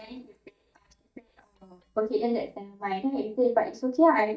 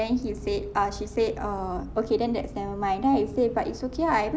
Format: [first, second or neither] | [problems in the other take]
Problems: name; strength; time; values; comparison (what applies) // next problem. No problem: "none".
second | noise reduction (neural mask model DeepFilterNet 3)